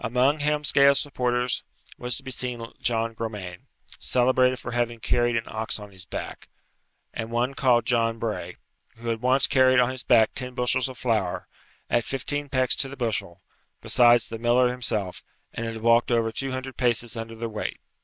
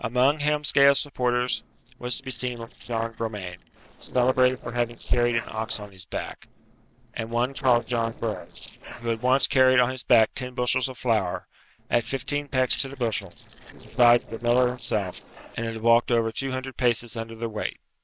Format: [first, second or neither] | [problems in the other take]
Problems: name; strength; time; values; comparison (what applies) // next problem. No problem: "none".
first | noise reduction (neural separator model SepFormer DNS4)